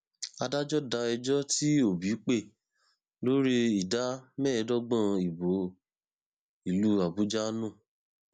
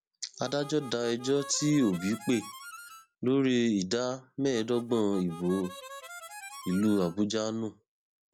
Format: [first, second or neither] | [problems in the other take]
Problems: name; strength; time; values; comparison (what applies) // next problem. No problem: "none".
first | background sound (Harmonica); 16 dB below the speech